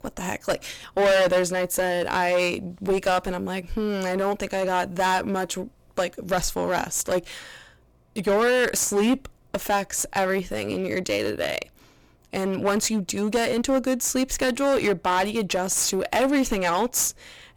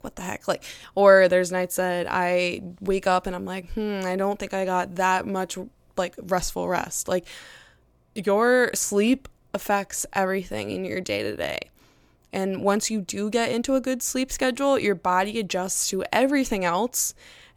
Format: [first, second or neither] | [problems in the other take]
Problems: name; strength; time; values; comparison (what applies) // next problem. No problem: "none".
second | distortion; heavy; 10% of the sound clipped